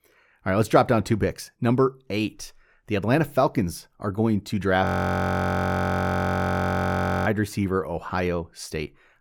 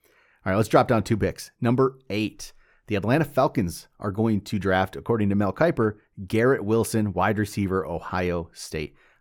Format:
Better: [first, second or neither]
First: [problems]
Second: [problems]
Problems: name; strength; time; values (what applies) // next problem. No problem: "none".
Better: second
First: audio freezing; at 5 s for 2.5 s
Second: none